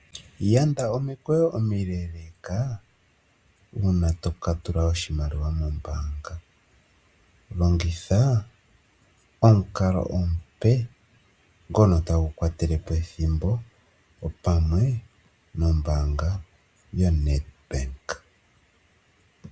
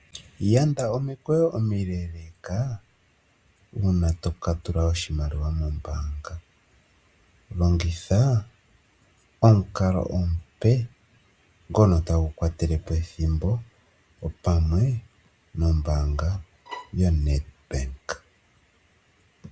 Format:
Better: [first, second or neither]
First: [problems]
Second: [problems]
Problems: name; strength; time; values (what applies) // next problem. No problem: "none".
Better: first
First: none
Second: background sound (Bowed string instrument); 17 dB below the speech